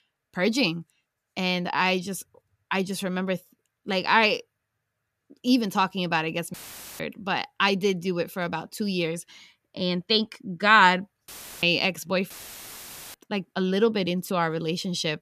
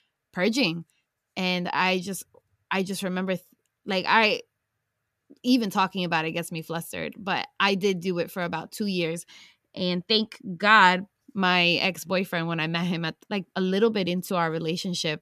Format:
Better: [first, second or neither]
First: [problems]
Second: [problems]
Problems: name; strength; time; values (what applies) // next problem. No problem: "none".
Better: second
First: audio cutting out; filled with static; at 6.5 s, at 11 s and at 12 s for 1 s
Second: none